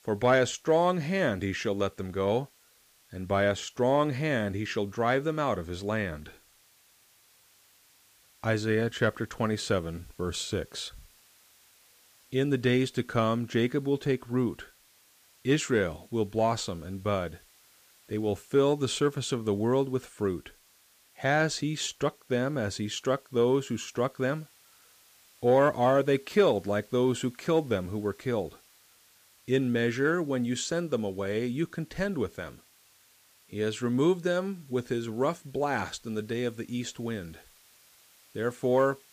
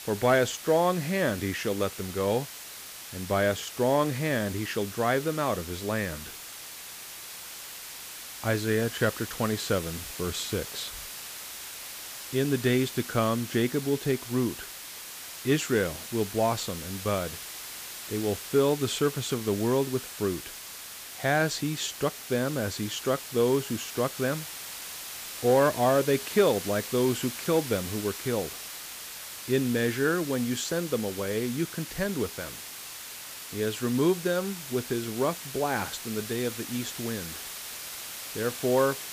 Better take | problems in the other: first | hiss; loud; throughout; 9 dB below the speech; faint in the first

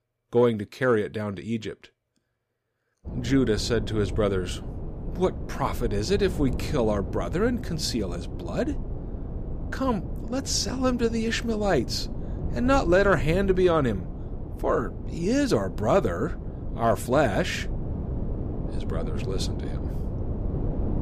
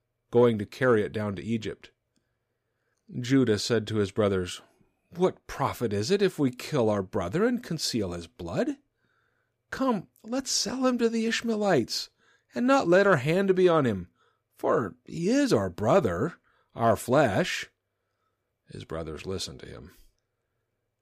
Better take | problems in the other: second | wind noise on the microphone; occasional gusts; from 3 s on; 15 dB below the speech

